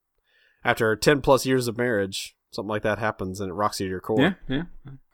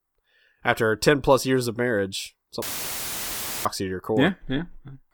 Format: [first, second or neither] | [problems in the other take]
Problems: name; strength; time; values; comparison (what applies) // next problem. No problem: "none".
first | audio cutting out; filled with static; at 2.5 s for 1 s